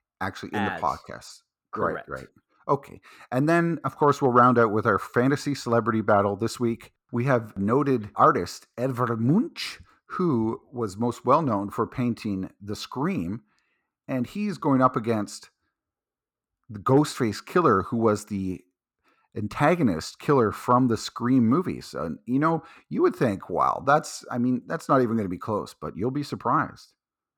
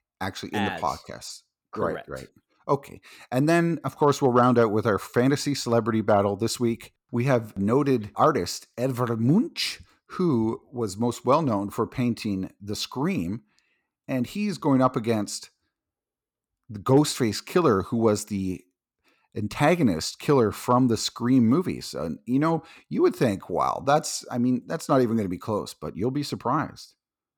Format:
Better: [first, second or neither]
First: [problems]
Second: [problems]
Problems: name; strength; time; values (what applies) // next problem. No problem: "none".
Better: second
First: muffled; very slightly; fading above 2 kHz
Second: none